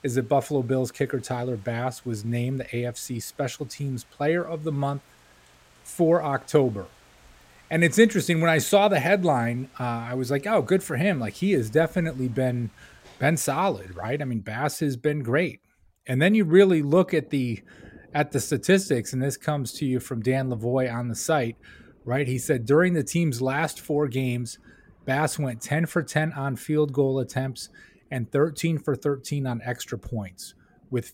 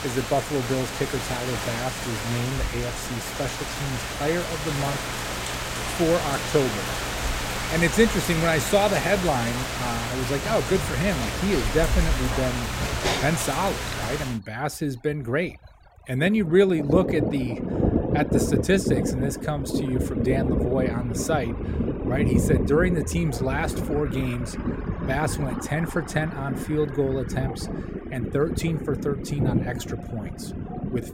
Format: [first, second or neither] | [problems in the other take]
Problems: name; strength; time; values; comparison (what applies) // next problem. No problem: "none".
first | rain or running water; loud; throughout; 2 dB below the speech; faint in the first